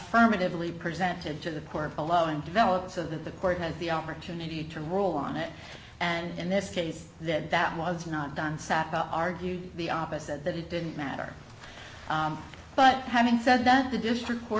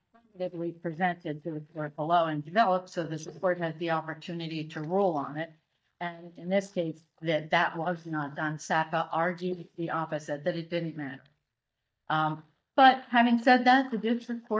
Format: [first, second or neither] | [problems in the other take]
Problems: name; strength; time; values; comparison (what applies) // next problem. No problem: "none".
first | noise reduction (neural mask model DeepFilterNet 3)